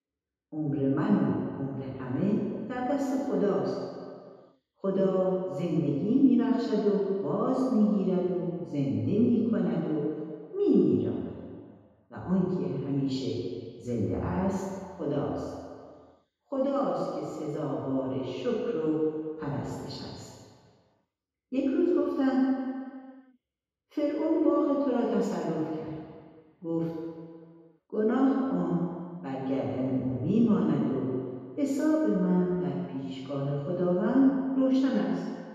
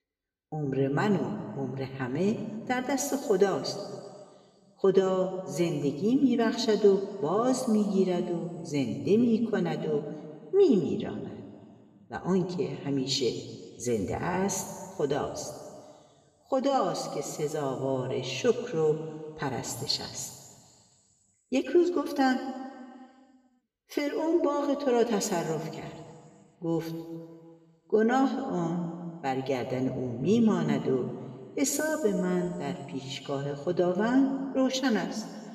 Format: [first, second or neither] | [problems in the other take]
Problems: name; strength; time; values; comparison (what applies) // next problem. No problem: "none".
second | room echo; strong; dies away in 1.8 s; slight in the second // off-mic speech; far; somewhat distant in the second